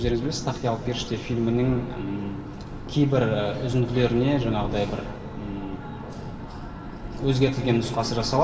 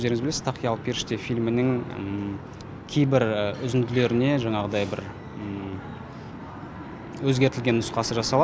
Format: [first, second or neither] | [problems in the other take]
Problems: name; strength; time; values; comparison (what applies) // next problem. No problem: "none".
second | background sound (Keys jangling); 13 dB below the speech // room echo; dies away in 2.2 s